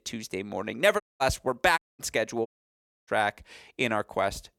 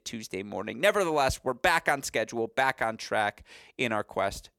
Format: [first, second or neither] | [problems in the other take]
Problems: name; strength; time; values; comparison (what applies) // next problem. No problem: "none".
second | audio cutting out; at 1 s, at 2 s and at 2.5 s for 0.5 s